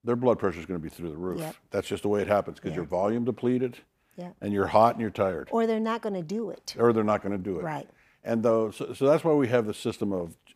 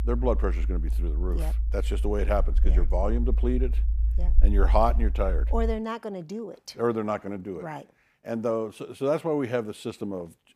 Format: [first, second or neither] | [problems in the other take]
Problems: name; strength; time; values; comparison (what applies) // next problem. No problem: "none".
first | low rumble; noticeable; until 5.5 s; 20 dB below the speech